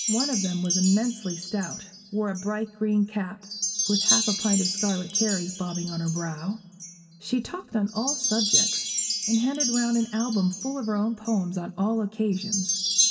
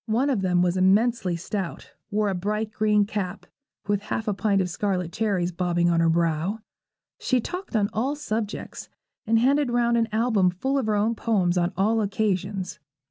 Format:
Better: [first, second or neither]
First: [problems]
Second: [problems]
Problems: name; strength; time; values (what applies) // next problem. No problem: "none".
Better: second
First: background sound (Wind chime); 2 dB below the speech // room echo; dies away in 1.5 s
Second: none